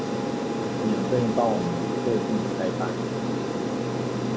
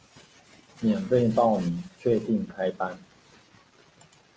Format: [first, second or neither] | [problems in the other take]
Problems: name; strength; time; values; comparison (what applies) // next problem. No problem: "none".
second | background sound (Aircraft); 3 dB above the speech